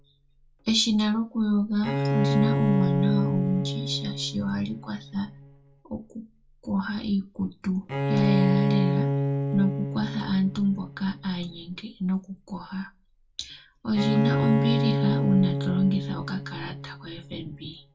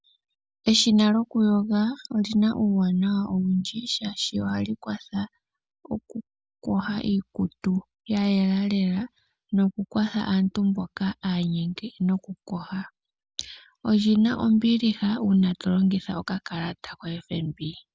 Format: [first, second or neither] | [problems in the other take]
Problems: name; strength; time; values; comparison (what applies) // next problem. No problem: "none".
second | background sound (Bowed string instrument); 2 dB below the speech // room echo; dies away in 0.2 s